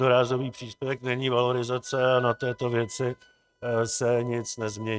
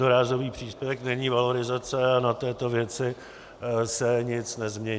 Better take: second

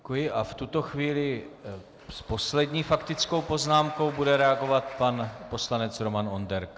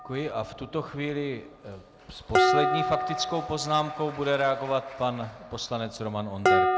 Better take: first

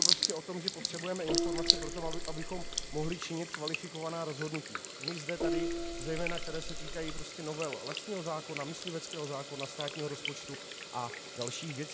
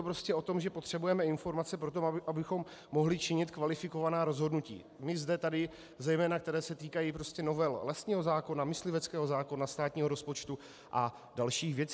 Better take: second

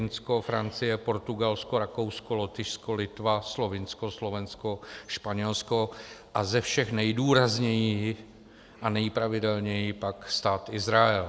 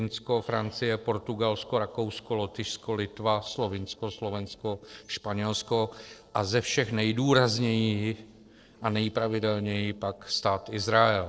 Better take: first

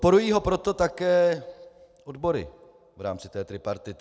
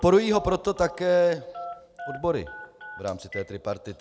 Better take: first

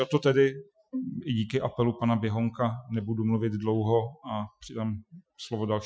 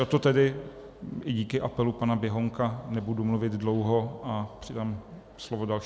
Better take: second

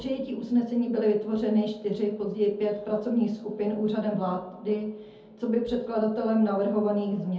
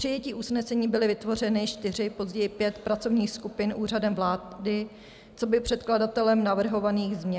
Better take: second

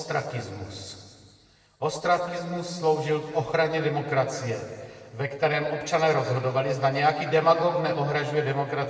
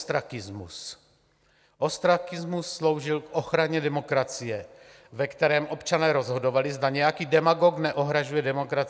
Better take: second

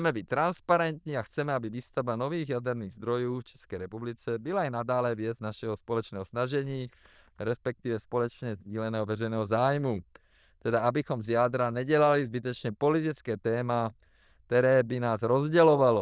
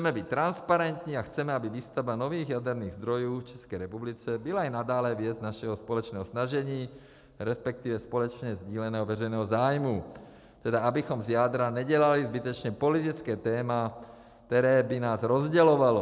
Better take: second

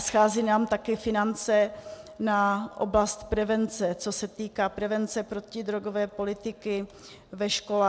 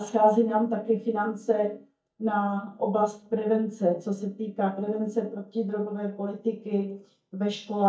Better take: first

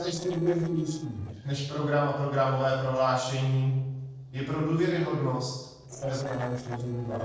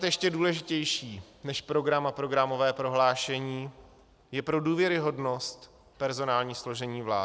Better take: second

